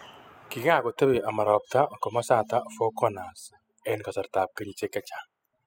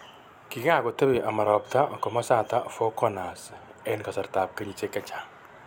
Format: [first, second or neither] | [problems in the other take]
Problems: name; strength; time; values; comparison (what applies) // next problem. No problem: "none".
second | noise reduction (classical method spectral subtraction)